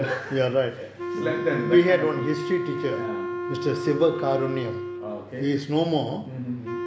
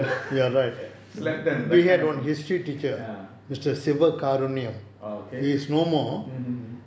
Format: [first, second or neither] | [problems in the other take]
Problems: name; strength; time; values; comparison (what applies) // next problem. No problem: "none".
second | background sound (Wind instrument, woodwind instrument); 6 dB below the speech